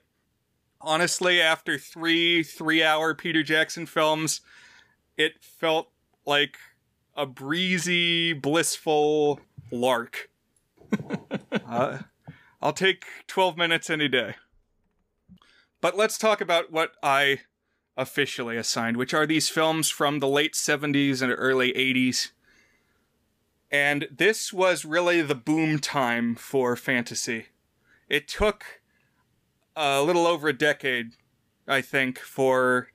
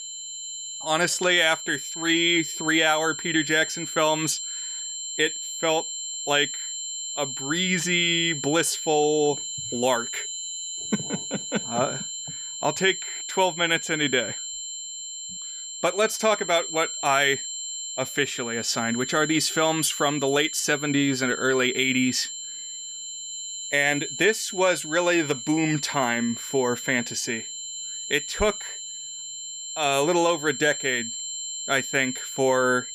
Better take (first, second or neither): first